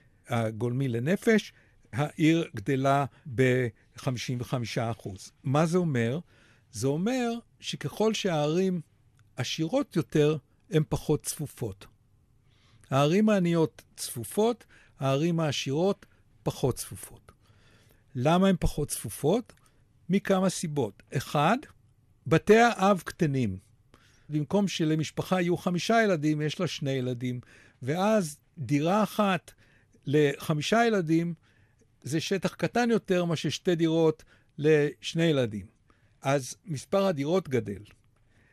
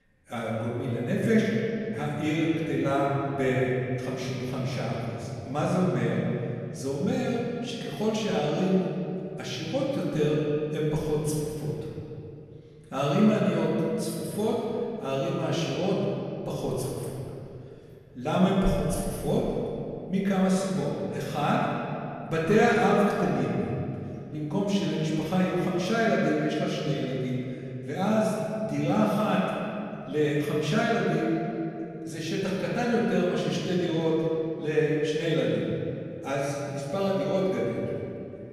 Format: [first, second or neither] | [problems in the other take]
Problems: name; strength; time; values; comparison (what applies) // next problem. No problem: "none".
first | off-mic speech; far // room echo; strong; dies away in 2.4 s